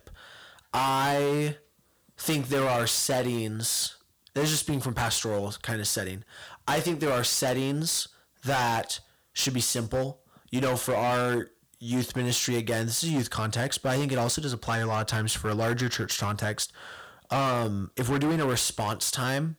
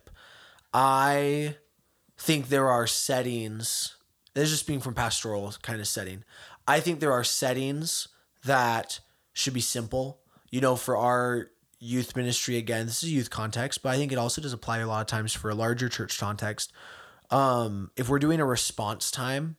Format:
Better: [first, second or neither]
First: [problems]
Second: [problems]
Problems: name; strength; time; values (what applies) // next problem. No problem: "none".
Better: second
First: distortion; heavy; 14% of the sound clipped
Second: none